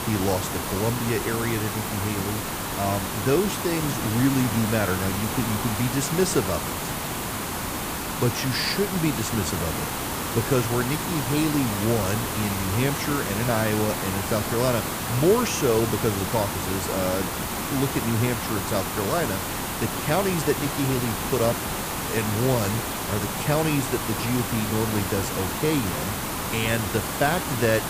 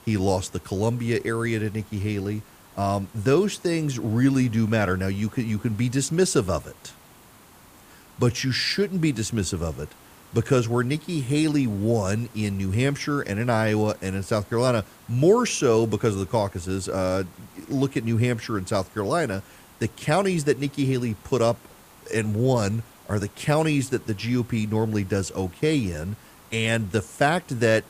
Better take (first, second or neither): second